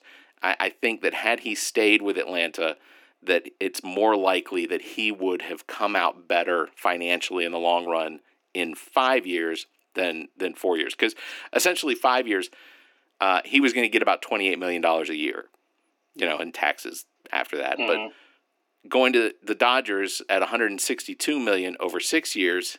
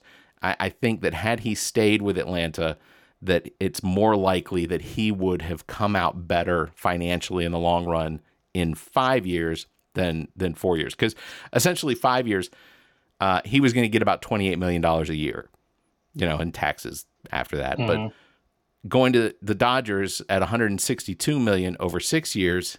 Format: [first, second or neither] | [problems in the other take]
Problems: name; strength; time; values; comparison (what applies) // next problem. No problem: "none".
second | thin; somewhat; fading below 300 Hz